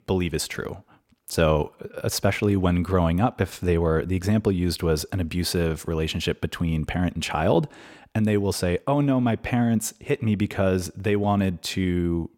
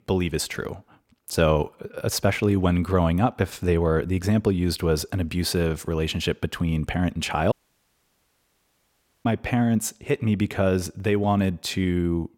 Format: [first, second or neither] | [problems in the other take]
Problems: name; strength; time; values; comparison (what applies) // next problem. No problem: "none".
first | audio cutting out; at 7.5 s for 1.5 s